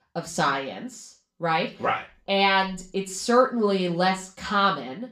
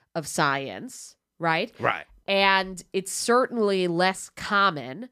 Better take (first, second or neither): second